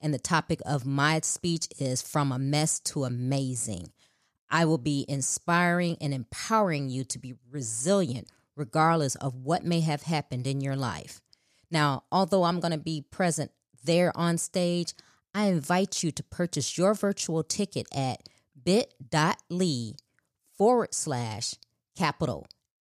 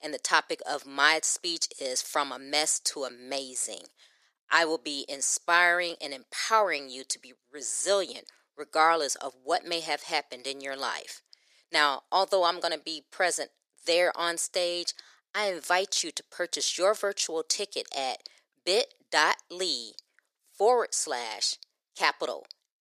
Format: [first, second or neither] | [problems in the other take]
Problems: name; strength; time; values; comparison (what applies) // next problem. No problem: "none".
first | thin; very; fading below 400 Hz